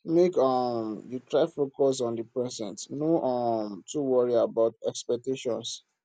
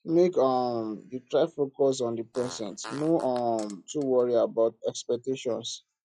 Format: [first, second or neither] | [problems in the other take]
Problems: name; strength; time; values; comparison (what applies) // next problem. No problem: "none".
first | noise reduction (classical method log-MMSE)